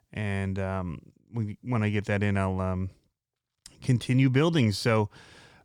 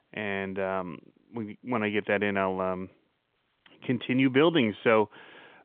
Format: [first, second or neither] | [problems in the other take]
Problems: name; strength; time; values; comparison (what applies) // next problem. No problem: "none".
first | phone-call audio; nothing above 3.5 kHz